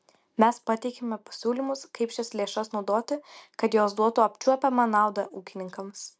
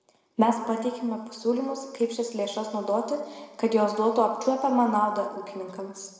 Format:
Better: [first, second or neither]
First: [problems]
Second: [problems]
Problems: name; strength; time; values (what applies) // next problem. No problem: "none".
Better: first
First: none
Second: room echo; dies away in 1.6 s